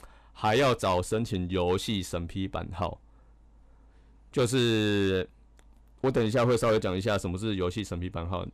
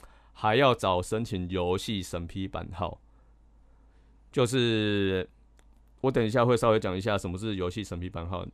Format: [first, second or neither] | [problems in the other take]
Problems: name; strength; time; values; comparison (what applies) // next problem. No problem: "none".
second | distortion; slight; 4% of the sound clipped